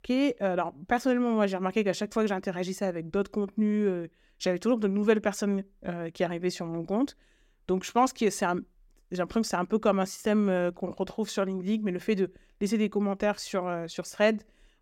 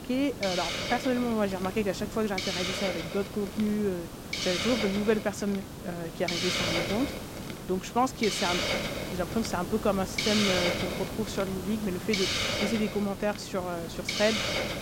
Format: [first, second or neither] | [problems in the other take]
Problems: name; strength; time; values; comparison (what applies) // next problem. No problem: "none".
first | hiss; loud; throughout; 1 dB below the speech